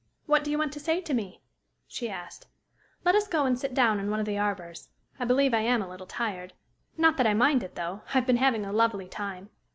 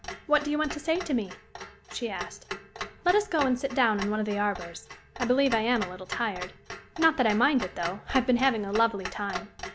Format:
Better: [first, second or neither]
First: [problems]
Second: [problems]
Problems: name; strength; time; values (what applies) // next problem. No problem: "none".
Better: first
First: none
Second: background sound (Clock); 11 dB below the speech